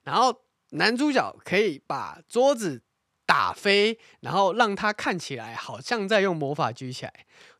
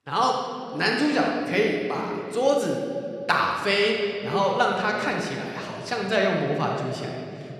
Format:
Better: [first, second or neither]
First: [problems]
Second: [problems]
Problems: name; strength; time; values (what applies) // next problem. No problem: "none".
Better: first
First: none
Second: room echo; noticeable; dies away in 2.5 s // off-mic speech; somewhat distant